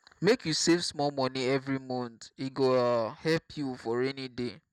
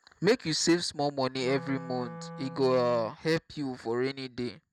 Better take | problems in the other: first | background sound (Wind instrument, woodwind instrument); 14 dB below the speech

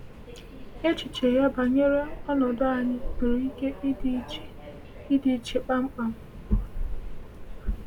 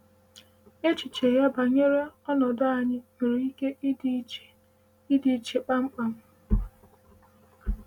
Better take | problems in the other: second | background sound (Subway, metro, underground); 8 dB below the speech

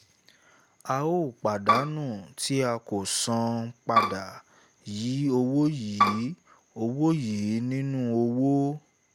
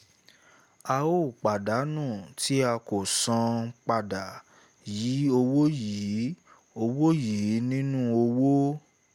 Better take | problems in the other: second | background sound (Bowed string instrument); 3 dB above the speech

